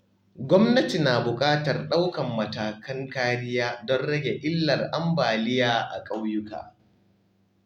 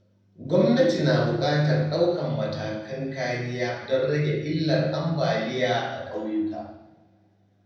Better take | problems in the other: first | room echo; dies away in 0.9 s

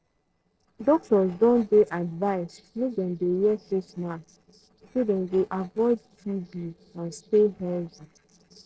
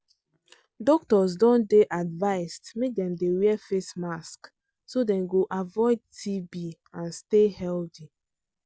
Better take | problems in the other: second | noise reduction (neural separator model SepFormer DNS4)

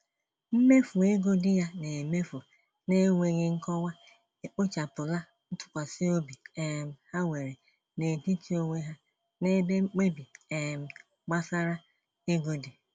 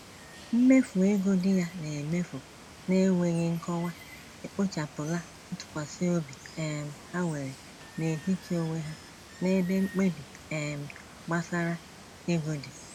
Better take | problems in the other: first | background sound (Water); 18 dB below the speech

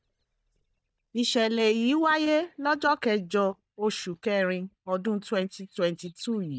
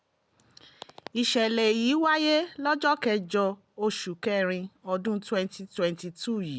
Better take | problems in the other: second | noise reduction (neural mask model DeepFilterNet 3)

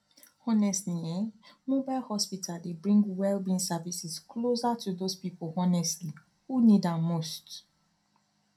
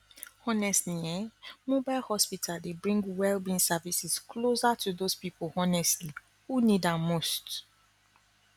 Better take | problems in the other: second | room echo; dies away in 0.2 s

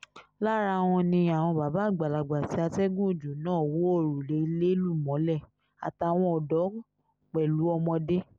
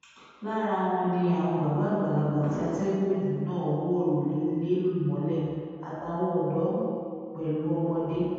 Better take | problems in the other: first | room echo; dies away in 2.1 s

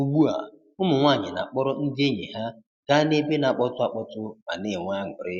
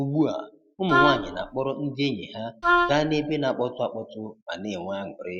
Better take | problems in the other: first | background sound (Wind instrument, woodwind instrument); 2 dB above the speech

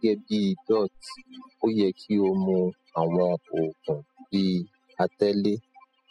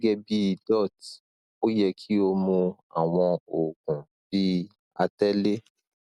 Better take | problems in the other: second | noise reduction (classical method spectral subtraction)

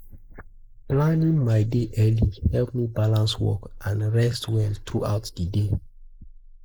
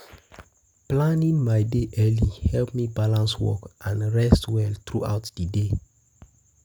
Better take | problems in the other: second | noise reduction (neural mask model Resemble Enhance denoiser)

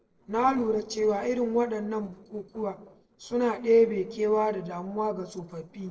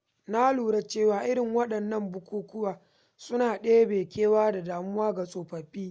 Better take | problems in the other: second | noise reduction (neural separator model SepFormer DNS4)

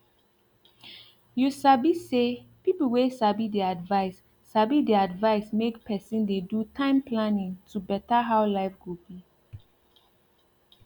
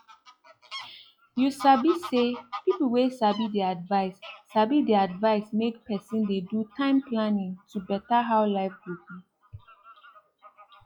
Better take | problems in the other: first | noise reduction (classical method log-MMSE)

